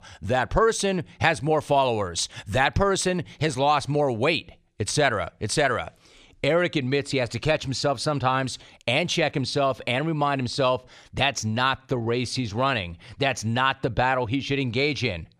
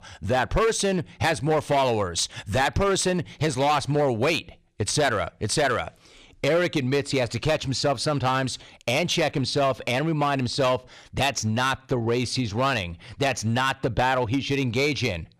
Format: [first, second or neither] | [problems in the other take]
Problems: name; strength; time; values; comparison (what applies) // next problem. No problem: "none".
first | distortion; slight; 7% of the sound clipped